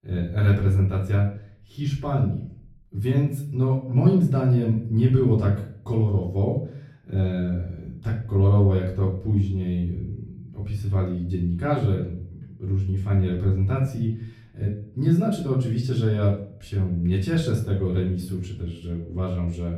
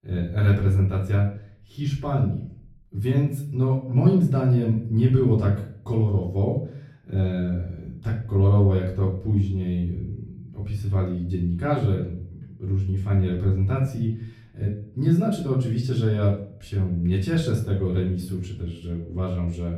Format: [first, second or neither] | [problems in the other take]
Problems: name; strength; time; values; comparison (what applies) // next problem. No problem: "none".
neither | room echo; slight; dies away in 0.5 s; the same in both // off-mic speech; far; the same in both